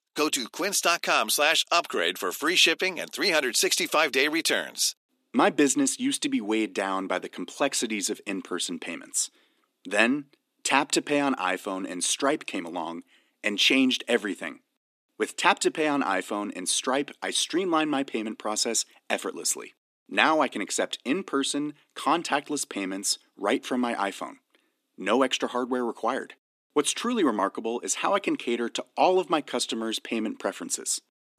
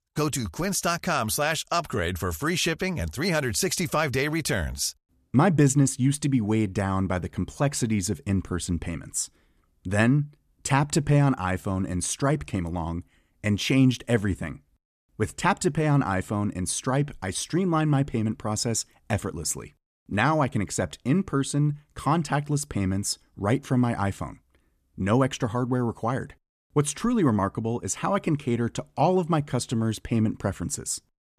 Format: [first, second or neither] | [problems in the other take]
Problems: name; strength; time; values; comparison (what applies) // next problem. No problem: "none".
second | thin; somewhat; fading below 250 Hz